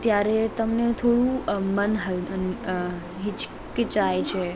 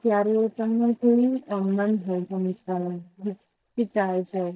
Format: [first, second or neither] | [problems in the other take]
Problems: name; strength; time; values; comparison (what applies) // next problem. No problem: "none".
first | noise reduction (neural mask model DeepFilterNet 3)